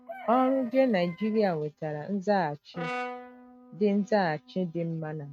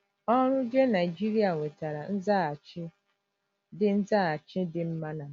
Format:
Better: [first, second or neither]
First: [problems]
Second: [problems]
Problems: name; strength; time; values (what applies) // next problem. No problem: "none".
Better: second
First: noise reduction (neural mask model RNNoise)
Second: none